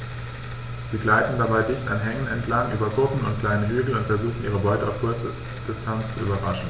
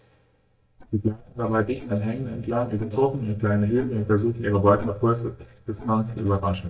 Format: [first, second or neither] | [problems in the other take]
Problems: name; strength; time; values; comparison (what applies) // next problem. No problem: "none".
first | noise reduction (neural mask model DeepFilterNet 3)